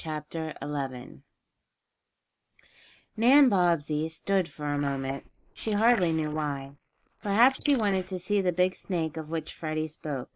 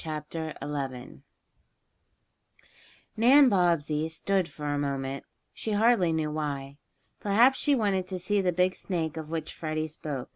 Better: second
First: noise reduction (neural mask model Resemble Enhance denoiser)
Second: none

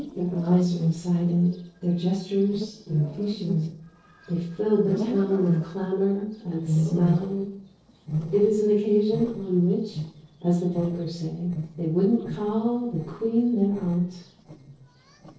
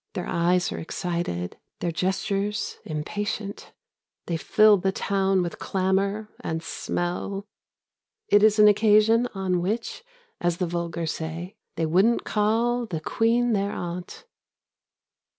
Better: second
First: noise reduction (neural separator model SepFormer DNS4)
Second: none

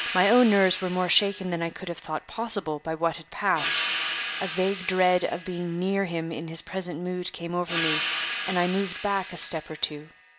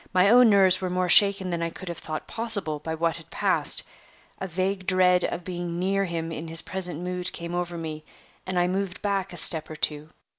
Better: second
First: background sound (Cymbal); 8 dB below the speech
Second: none

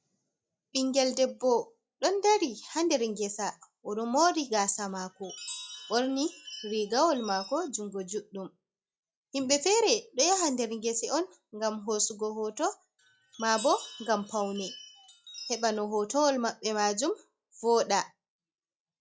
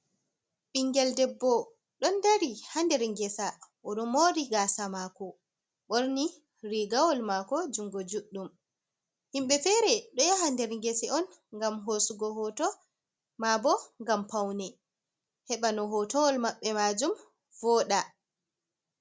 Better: second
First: noise reduction (classical method log-MMSE)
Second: none

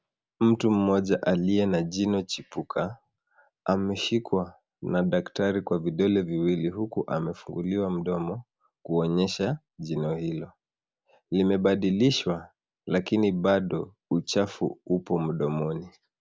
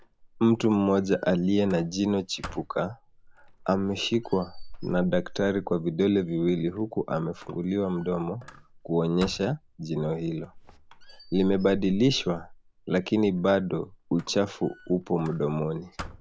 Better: first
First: none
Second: background sound (Squeak); 16 dB below the speech

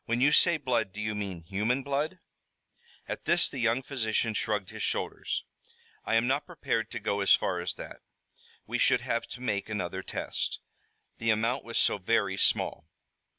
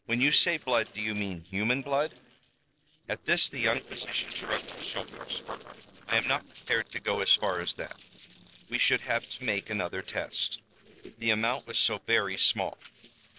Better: first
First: none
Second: noise reduction (neural separator model SepFormer DNS4)

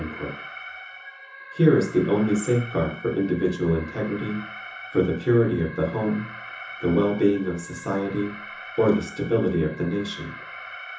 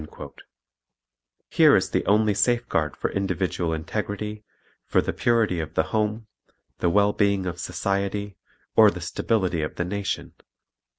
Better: second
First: background sound (Alarm); 15 dB below the speech // room echo; dies away in 0.6 s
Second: none

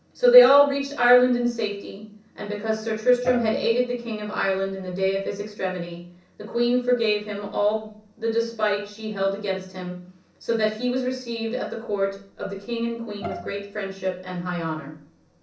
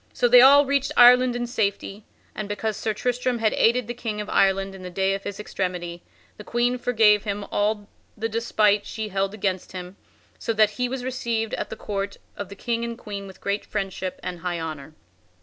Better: second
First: background sound (Bowed string instrument); 14 dB below the speech // room echo; dies away in 0.6 s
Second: none

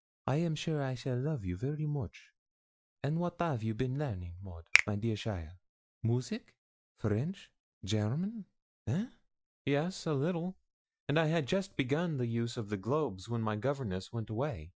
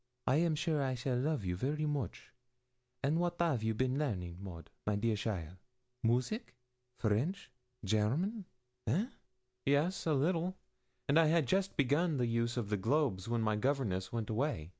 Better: second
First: noise reduction (classical method Wiener filter)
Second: none

